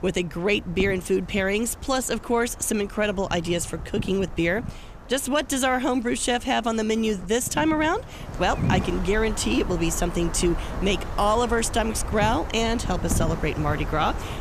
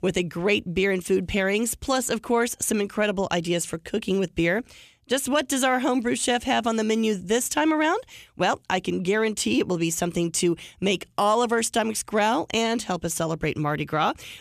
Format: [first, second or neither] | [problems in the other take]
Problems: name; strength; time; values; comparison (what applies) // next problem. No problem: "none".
second | wind noise on the microphone; occasional gusts; 15 dB below the speech